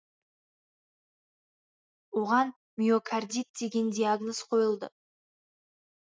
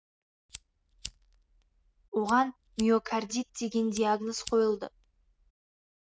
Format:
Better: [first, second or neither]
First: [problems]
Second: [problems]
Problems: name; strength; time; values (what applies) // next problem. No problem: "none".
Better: first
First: none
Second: background sound (Fire); 19 dB below the speech